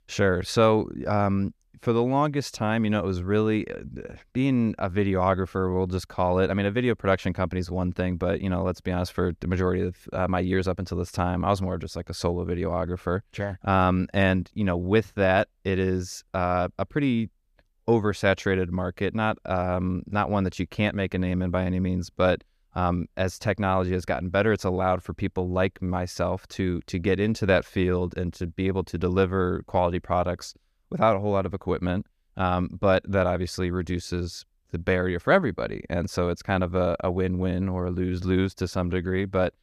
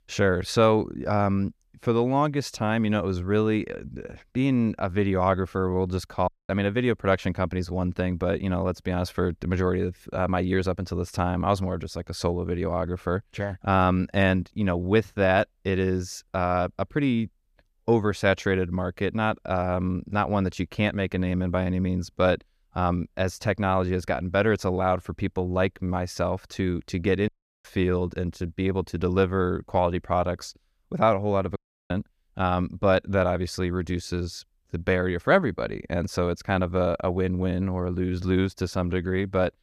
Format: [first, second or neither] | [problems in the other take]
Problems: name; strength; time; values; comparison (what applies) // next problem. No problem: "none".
first | audio cutting out; at 6.5 s, at 27 s and at 32 s